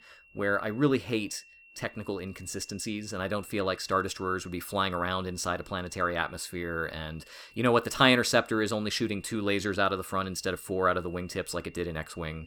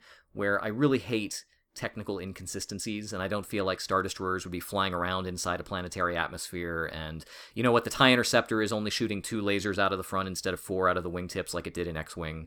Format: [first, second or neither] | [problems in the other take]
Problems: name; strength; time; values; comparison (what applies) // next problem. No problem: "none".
second | high-pitched whine; faint; throughout; 2.5 kHz, 25 dB below the speech